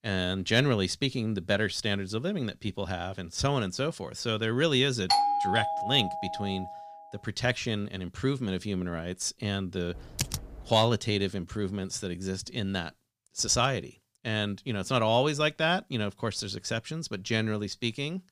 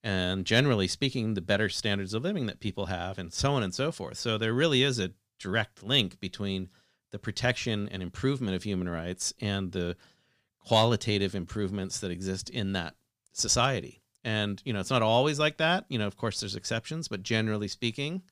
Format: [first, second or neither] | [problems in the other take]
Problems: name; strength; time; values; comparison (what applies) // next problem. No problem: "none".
second | doorbell; loud; from 5 to 6.5 s; peak 5 dB above the speech // keyboard typing; noticeable; at 10 s; peak 4 dB below the speech